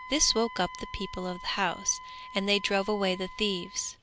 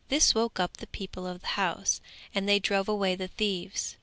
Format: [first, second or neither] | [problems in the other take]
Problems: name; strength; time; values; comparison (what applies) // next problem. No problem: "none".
second | background sound (Wind instrument, woodwind instrument); 14 dB below the speech